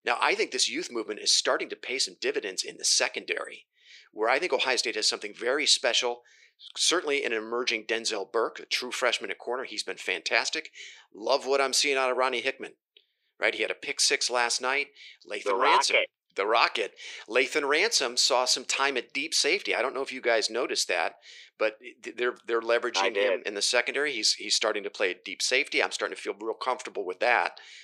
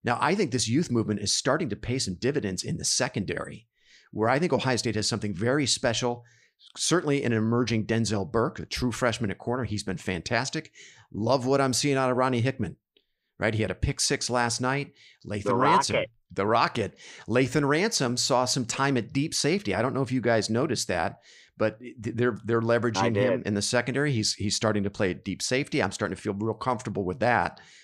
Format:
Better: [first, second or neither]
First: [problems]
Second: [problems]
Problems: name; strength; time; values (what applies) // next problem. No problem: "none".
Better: second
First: thin; very; fading below 400 Hz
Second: none